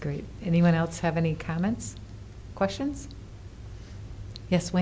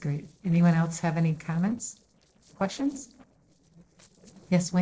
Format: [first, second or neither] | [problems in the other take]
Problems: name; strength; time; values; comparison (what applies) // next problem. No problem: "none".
first | noise reduction (neural separator model SepFormer DNS4)